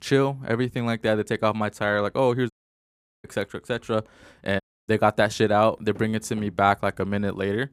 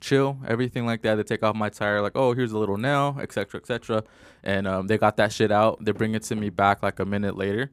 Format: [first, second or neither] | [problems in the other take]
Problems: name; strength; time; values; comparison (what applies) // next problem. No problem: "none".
second | audio cutting out; at 2.5 s for 0.5 s and at 4.5 s